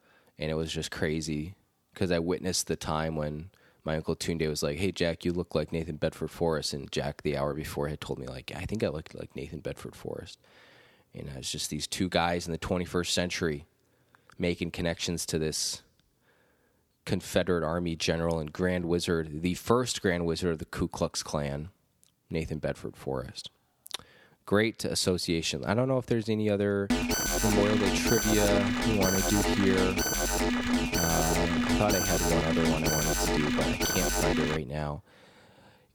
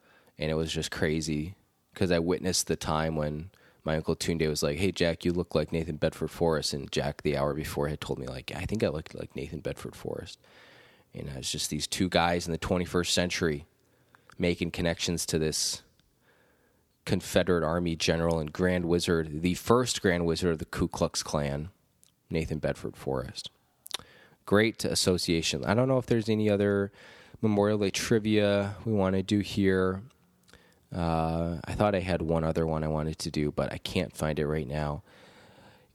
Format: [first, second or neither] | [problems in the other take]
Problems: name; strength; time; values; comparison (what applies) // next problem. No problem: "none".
second | alarm; loud; from 27 to 35 s; peak 4 dB above the speech